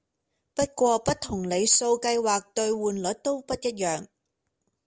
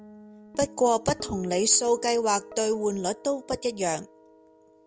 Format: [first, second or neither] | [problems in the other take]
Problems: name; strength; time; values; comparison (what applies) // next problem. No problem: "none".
first | background sound (Guitar); 19 dB below the speech